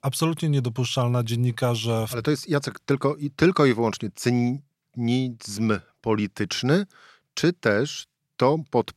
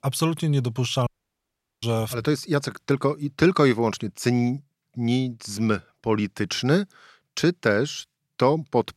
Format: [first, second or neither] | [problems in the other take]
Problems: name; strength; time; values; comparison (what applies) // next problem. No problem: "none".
first | audio cutting out; at 1 s for 1 s